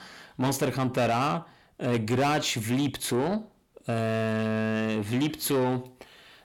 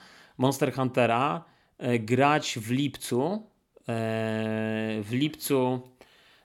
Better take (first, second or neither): second